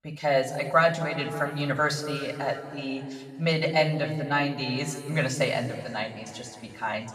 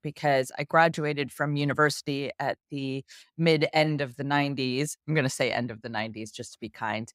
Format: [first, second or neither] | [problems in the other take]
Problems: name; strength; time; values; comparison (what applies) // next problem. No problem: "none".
second | room echo; noticeable; dies away in 2.1 s // off-mic speech; far